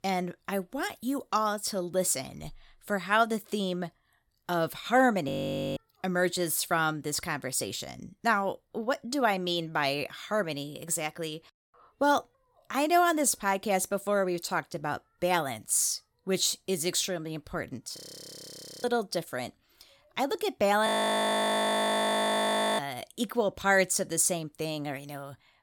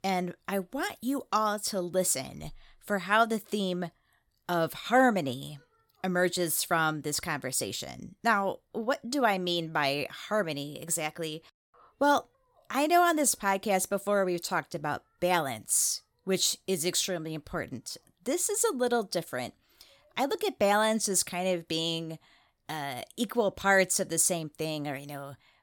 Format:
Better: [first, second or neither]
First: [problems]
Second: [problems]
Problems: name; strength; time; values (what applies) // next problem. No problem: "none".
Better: second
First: audio freezing; at 5.5 s, at 18 s for 1 s and at 21 s for 2 s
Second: none